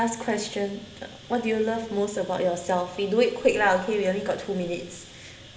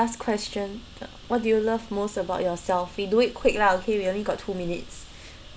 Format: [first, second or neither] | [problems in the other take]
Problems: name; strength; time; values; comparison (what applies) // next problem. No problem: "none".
second | room echo; dies away in 0.8 s